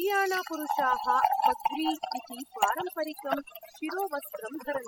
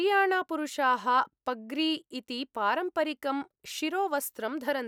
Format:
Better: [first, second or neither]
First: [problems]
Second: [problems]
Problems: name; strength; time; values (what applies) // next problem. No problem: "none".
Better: second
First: noise reduction (classical method spectral subtraction)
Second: none